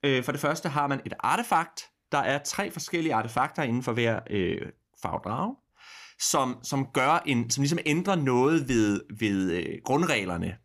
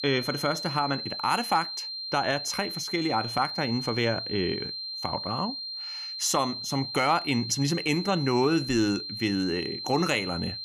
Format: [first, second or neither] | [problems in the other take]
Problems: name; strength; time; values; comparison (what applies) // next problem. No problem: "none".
first | high-pitched whine; loud; throughout; 4 kHz, 5 dB below the speech